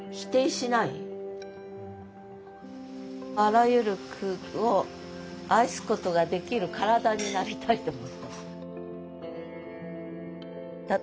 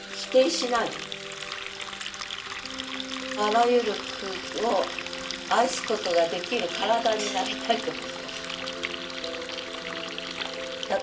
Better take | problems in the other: first | background sound (Water tap, faucet); 8 dB below the speech // room echo; dies away in 0.2 s

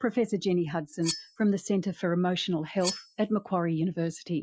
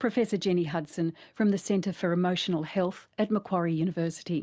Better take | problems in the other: second | noise reduction (classical method Wiener filter)

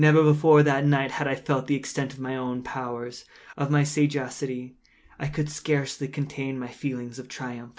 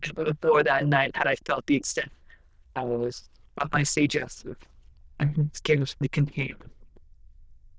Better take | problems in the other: first | noise reduction (neural diffusion model UNIVERSE++)

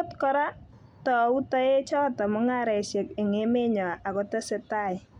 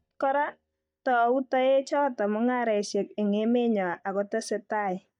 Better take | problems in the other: first | noise reduction (neural mask model DeepFilterNet 3)

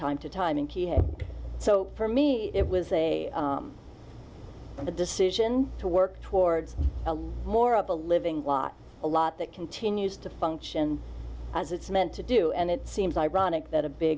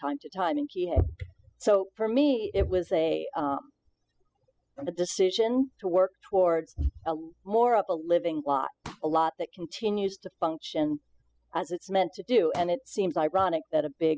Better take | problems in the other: first | noise reduction (classical method spectral subtraction)

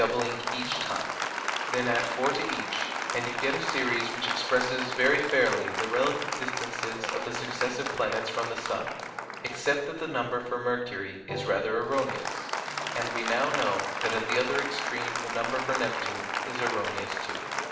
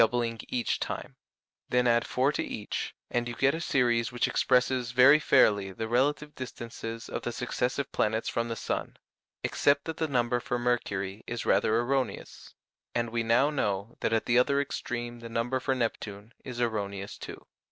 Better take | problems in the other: second | background sound (Applause); 2 dB below the speech // room echo; dies away in 0.9 s

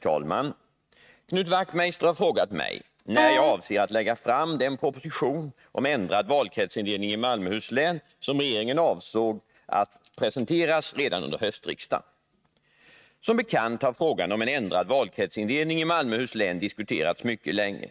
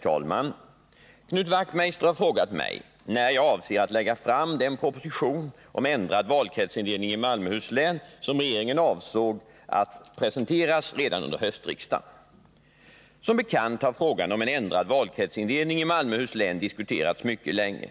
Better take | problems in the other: second | noise reduction (neural mask model RNNoise)

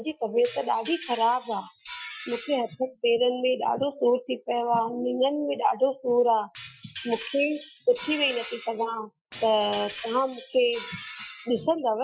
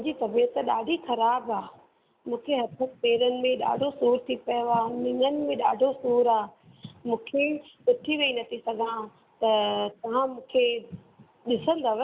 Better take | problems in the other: second | noise reduction (classical method Wiener filter)

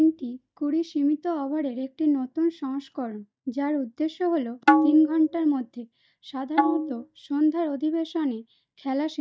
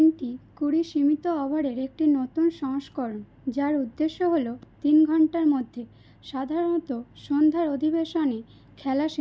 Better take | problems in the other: second | noise reduction (neural mask model DeepFilterNet 3)

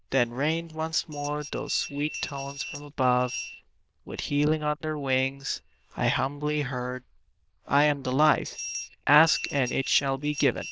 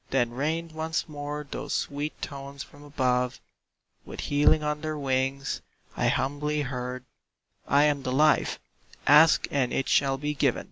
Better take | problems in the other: second | noise reduction (neural diffusion model UNIVERSE++)

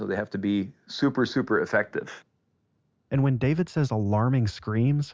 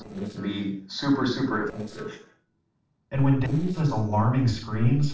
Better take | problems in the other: first | noise reduction (neural separator model SepFormer DNS4)

